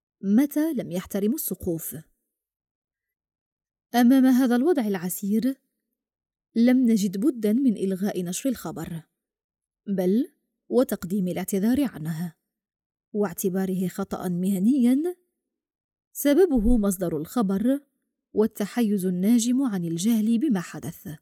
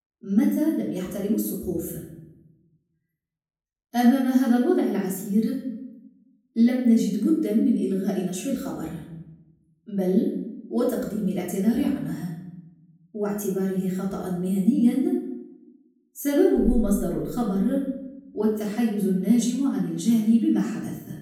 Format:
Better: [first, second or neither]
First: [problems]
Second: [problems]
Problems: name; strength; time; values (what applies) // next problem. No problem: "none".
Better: first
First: none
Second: off-mic speech; far // room echo; noticeable; dies away in 0.7 s